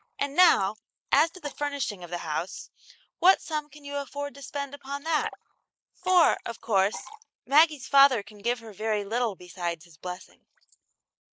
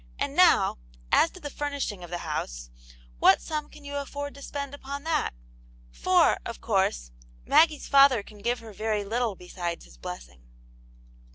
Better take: second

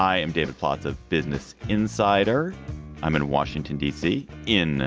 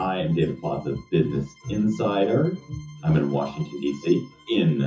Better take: first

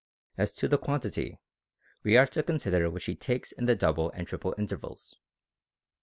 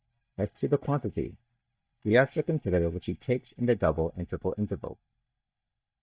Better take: first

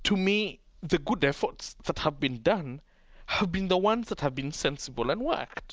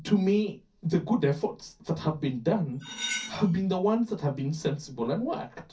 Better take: first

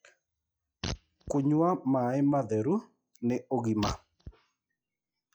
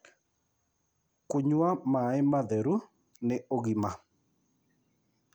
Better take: second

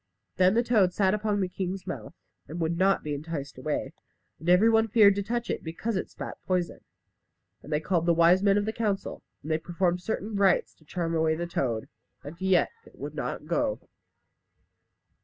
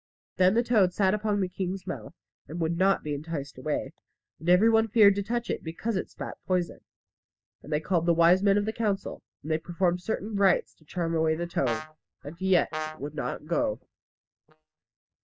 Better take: first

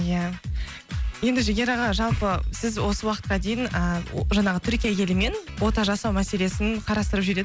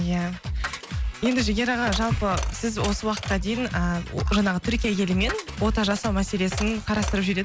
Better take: first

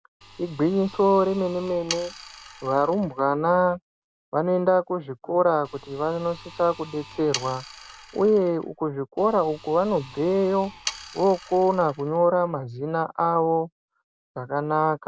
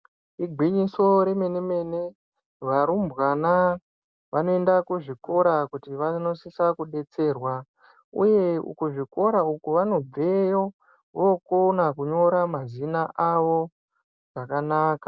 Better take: second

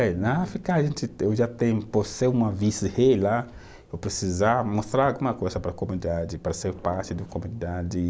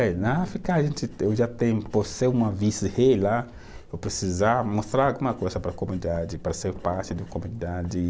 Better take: first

